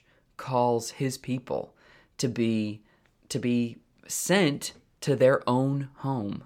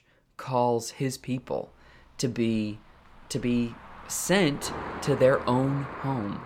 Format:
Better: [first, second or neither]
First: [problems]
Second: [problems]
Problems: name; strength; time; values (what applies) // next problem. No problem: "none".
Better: first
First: none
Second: traffic noise; noticeable; throughout; 10 dB below the speech